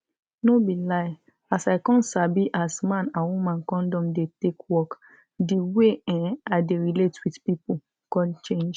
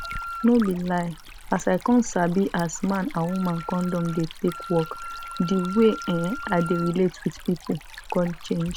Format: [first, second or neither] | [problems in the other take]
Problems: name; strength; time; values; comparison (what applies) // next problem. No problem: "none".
first | background sound (Wind instrument, woodwind instrument + Stream); 12 dB below the speech